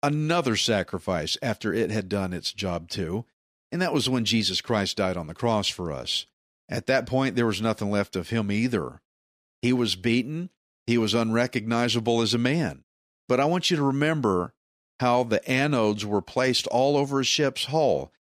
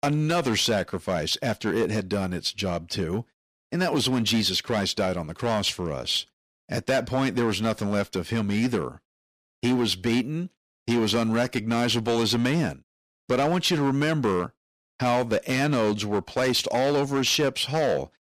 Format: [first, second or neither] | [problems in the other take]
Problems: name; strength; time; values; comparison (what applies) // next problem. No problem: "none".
first | distortion; slight; 8% of the sound clipped